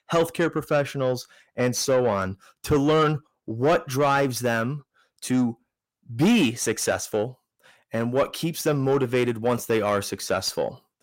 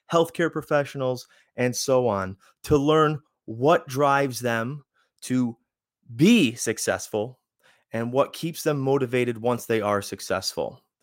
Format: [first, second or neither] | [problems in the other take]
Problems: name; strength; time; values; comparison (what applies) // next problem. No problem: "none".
second | distortion; slight; 10 dB below the speech